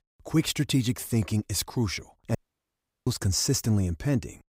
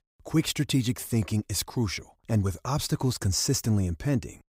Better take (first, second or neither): second